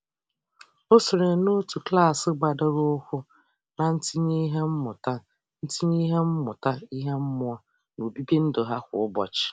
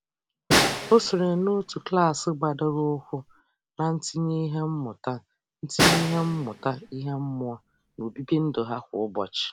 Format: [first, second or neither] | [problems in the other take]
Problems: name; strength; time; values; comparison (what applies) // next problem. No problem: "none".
first | background sound (Snare drum); 2 dB below the speech